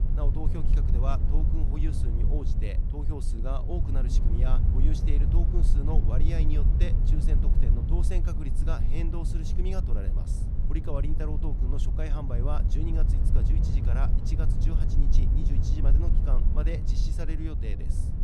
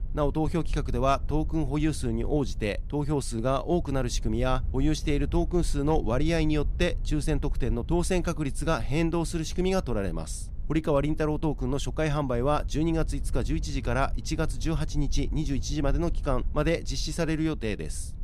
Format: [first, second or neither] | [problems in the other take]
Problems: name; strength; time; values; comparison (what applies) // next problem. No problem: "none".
second | low rumble; loud; throughout; 3 dB below the speech; faint in the second